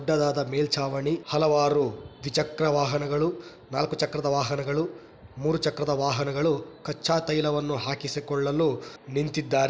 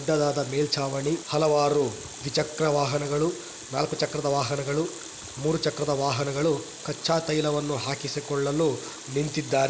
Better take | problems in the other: first | background sound (Water tap, faucet); 14 dB below the speech

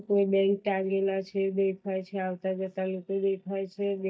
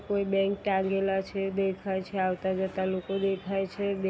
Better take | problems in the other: second | noise reduction (neural mask model DeepFilterNet 3)

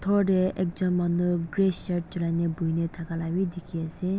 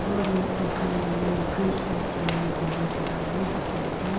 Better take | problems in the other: first | background sound (Rain); 1 dB above the speech // room echo; dies away in 1.3 s

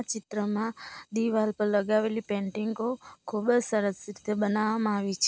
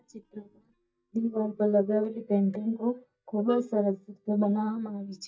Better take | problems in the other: first | noise reduction (neural mask model DeepFilterNet 3)

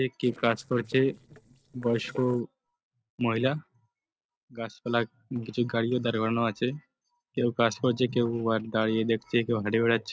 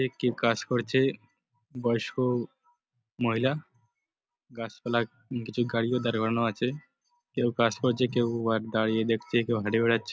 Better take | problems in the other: second | noise reduction (neural separator model SepFormer DNS4)

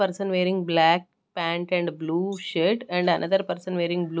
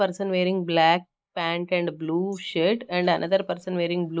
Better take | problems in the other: first | noise reduction (neural mask model Resemble Enhance denoiser)

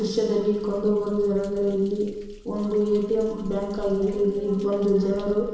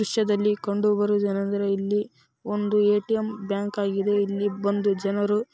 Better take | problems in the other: second | background sound (Thunder); 18 dB below the speech // room echo; dies away in 1 s

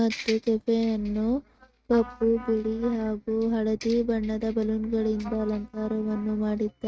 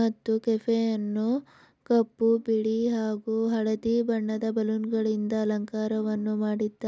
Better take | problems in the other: second | noise reduction (neural mask model RNNoise)

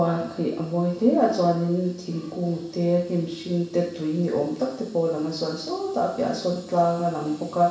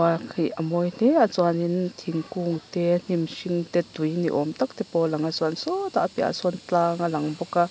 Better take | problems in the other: second | room echo; dies away in 0.7 s

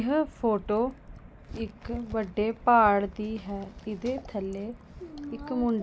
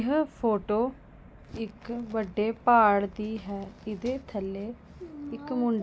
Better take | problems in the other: second | background sound (Fill (with liquid)); 19 dB below the speech

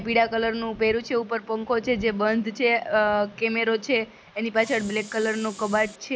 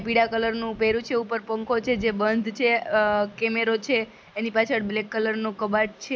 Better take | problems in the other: second | background sound (Hiss); 19 dB below the speech

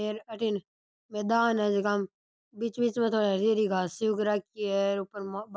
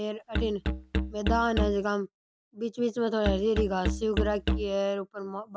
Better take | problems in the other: first | background sound (Musical instrument); 2 dB below the speech

